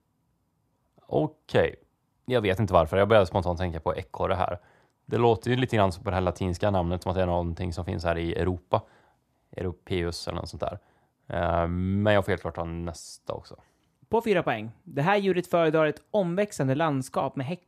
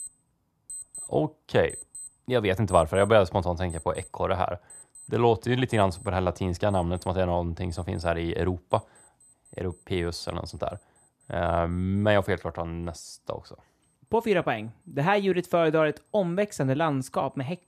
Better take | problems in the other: first | alarms or sirens; noticeable; throughout; 20 dB below the speech

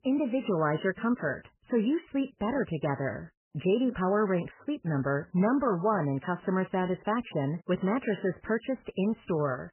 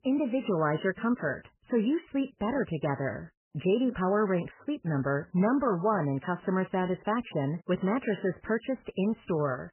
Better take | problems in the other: neither | garbled, watery; badly; nothing above 3 kHz; the same in both

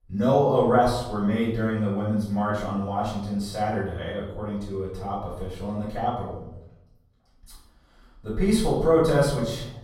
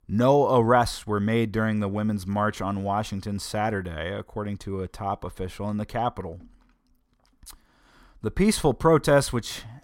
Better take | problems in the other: second | room echo; noticeable; dies away in 0.8 s // off-mic speech; far

